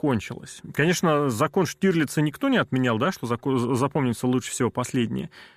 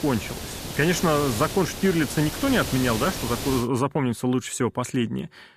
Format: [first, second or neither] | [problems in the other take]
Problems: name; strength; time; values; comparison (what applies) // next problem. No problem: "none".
first | hiss; loud; until 3.5 s; 7 dB below the speech